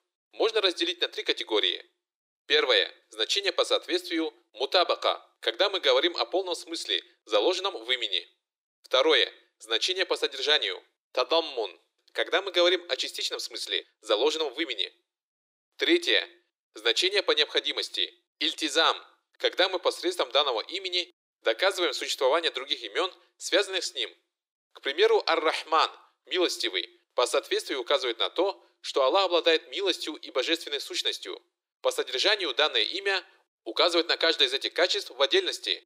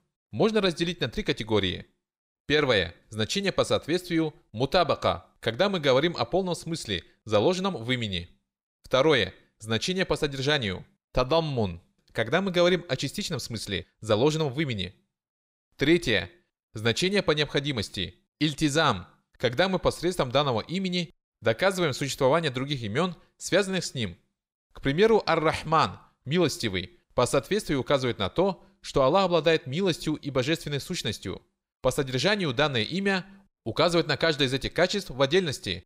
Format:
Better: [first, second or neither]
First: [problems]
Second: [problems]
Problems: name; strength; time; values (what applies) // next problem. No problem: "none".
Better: second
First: thin; very; fading below 350 Hz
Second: none